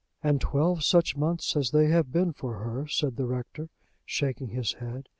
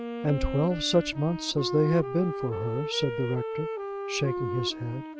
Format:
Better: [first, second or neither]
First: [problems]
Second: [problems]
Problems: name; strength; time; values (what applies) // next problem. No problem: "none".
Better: first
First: none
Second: background sound (Wind instrument, woodwind instrument); 5 dB below the speech